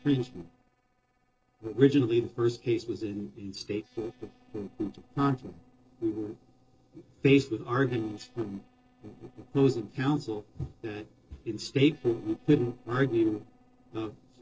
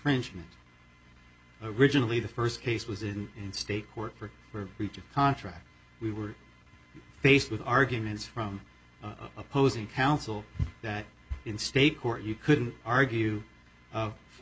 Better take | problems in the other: second | noise reduction (neural separator model SepFormer DNS4)

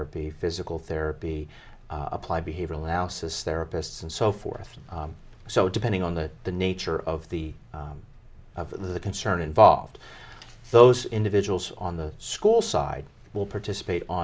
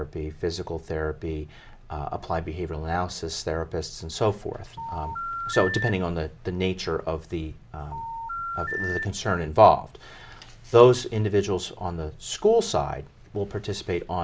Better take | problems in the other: first | background sound (Telephone); 7 dB below the speech

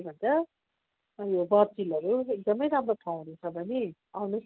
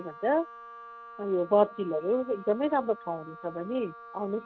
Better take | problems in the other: first | background sound (Wind instrument, woodwind instrument); 17 dB below the speech

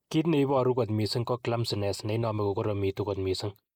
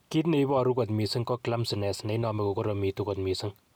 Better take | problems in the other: second | noise reduction (neural mask model Resemble Enhance denoiser)

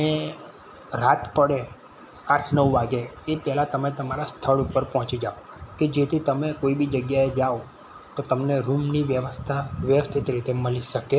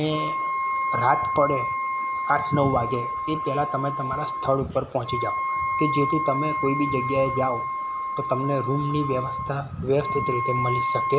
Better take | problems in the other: first | background sound (Wind instrument, woodwind instrument); 1 dB below the speech

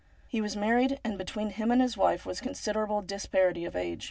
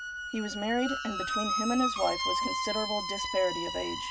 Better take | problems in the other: first | background sound (Squeak); 1 dB below the speech

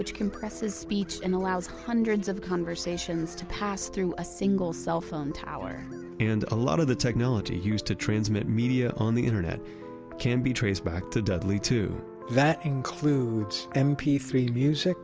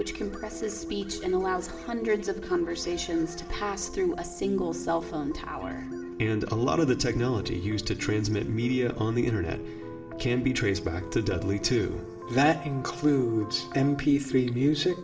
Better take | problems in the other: first | room echo; dies away in 2.4 s

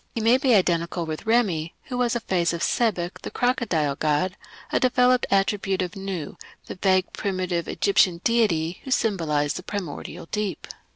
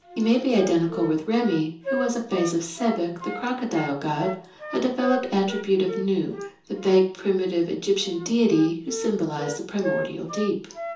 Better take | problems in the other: first | background sound (Wind instrument, woodwind instrument); 10 dB below the speech // room echo; dies away in 0.6 s

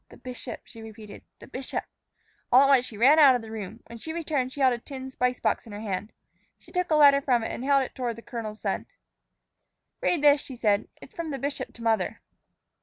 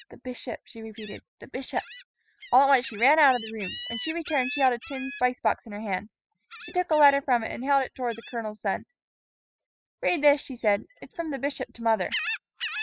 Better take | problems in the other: first | noise reduction (classical method spectral subtraction)

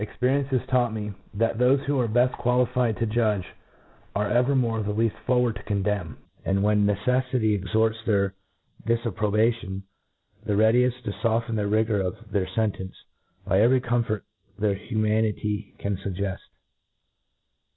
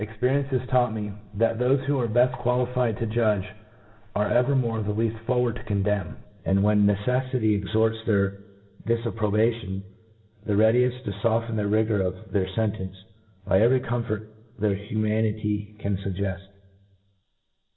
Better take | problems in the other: first | room echo; dies away in 0.6 s

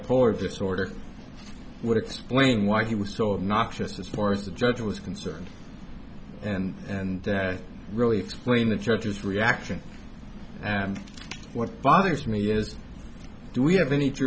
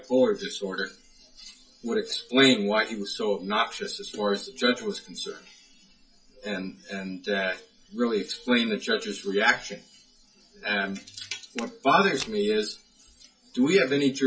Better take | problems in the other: first | noise reduction (classical method WPE with log-MMSE)

